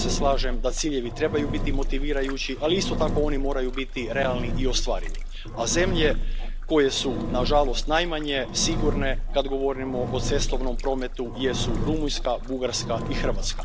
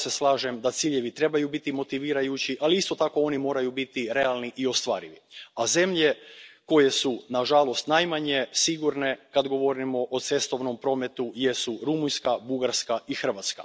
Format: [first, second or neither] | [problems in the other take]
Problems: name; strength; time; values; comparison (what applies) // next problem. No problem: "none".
second | background sound (Engine); as loud as the speech